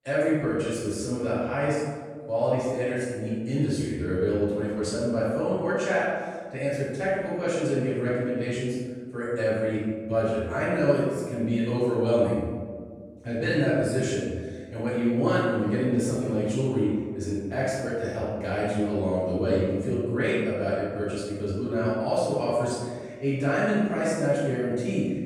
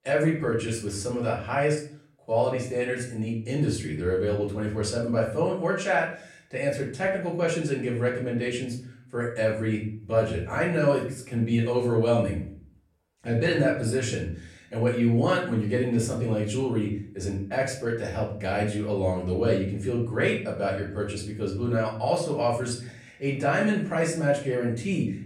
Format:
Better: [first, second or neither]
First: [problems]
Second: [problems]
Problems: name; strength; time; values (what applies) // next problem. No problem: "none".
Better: second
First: room echo; strong; dies away in 1.5 s // off-mic speech; far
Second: room echo; slight; dies away in 0.4 s // off-mic speech; far